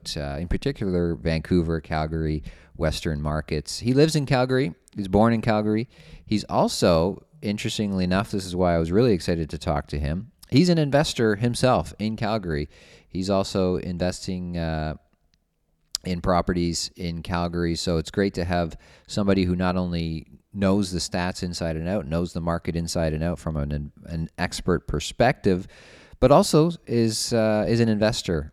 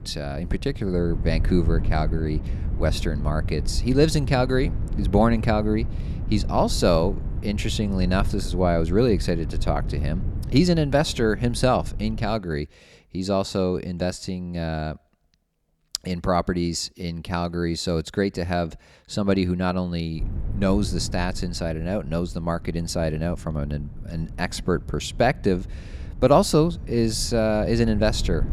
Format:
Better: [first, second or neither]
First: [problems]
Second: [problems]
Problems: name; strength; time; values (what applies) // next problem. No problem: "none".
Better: first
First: none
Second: low rumble; noticeable; until 12 s and from 20 s on; 20 dB below the speech